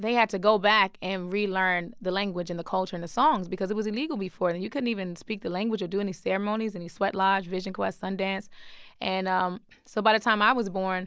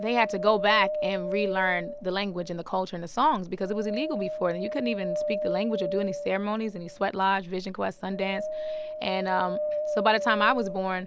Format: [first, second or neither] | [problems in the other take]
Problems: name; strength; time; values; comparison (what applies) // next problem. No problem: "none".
first | background sound (Wind); 5 dB below the speech